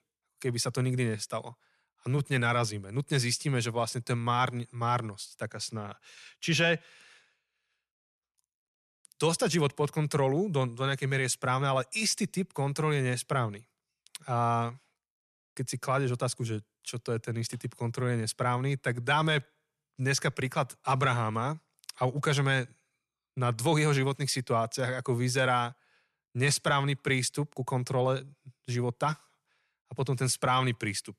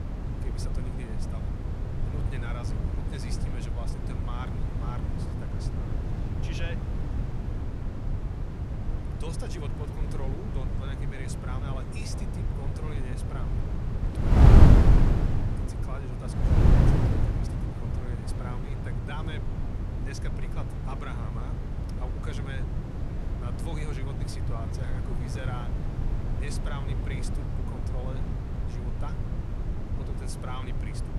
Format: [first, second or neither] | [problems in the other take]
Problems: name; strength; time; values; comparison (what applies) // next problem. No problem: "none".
first | wind noise on the microphone; heavy; 4 dB above the speech